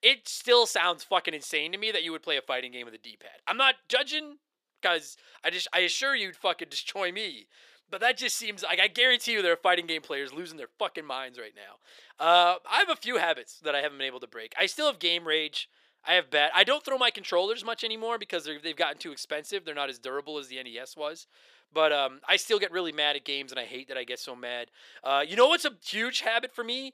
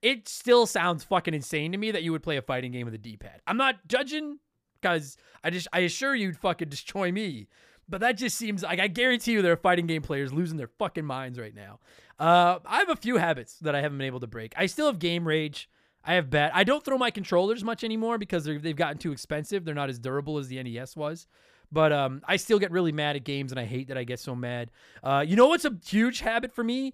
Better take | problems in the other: second | thin; very; fading below 400 Hz

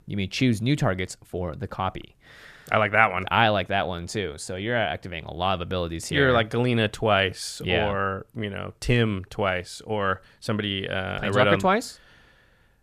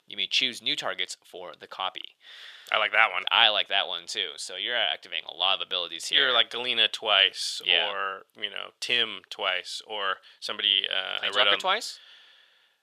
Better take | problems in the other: first | thin; very; fading below 600 Hz

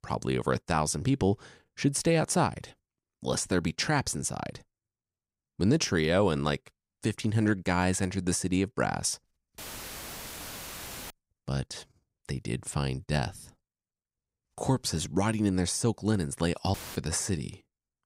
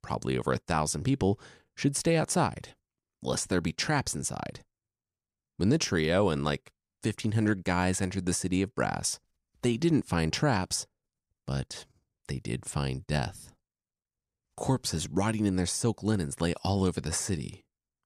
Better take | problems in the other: second | audio cutting out; filled with static; at 9.5 s for 1.5 s and at 17 s

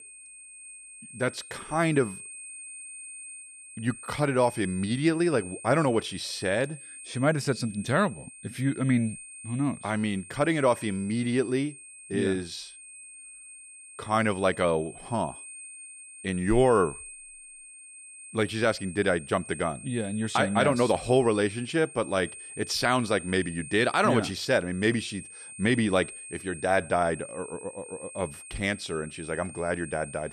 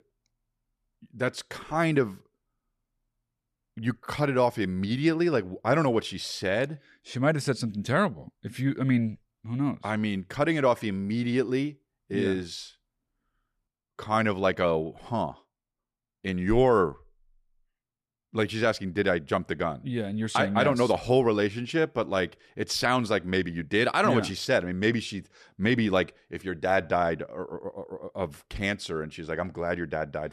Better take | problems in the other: second | high-pitched whine; noticeable; throughout; 8.5 kHz, 15 dB below the speech

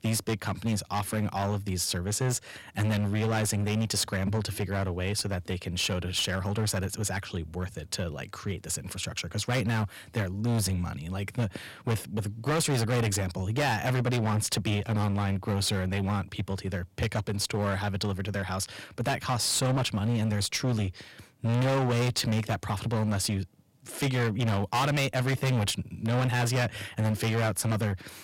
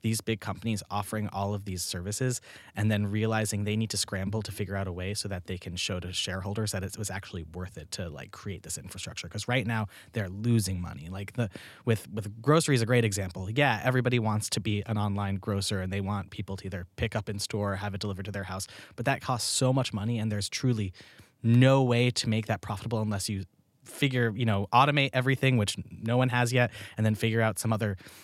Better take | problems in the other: second | distortion; heavy; 17% of the sound clipped

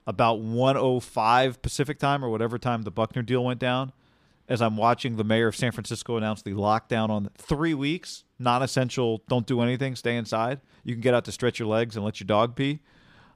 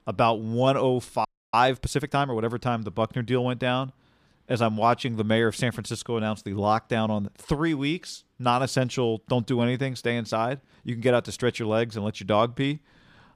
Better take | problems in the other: first | audio freezing; at 1.5 s

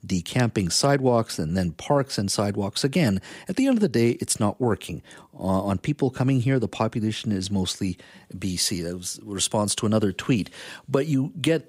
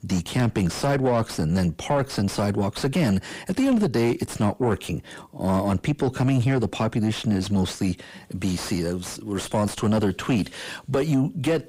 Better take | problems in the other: first | distortion; heavy; 7 dB below the speech

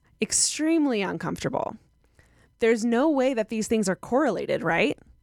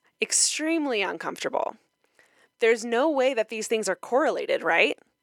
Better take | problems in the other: first | thin; somewhat; fading below 450 Hz

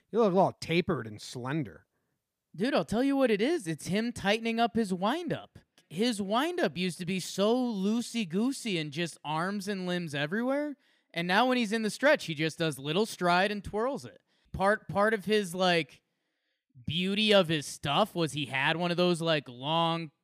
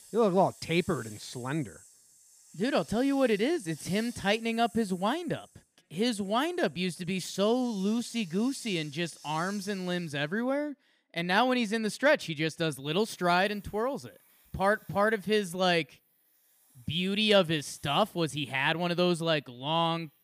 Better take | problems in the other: first | hiss; faint; throughout; 25 dB below the speech

